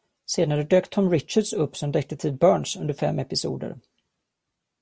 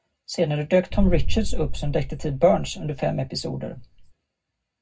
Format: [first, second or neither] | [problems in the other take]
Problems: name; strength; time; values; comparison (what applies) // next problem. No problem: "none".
first | background sound (Boom); as loud as the speech // room echo; dies away in 0.3 s